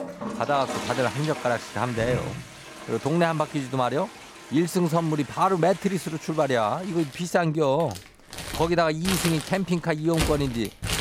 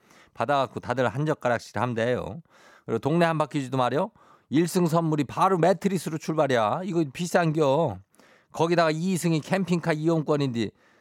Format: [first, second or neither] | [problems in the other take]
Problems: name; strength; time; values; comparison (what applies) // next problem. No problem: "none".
second | household noises; loud; throughout; 10 dB below the speech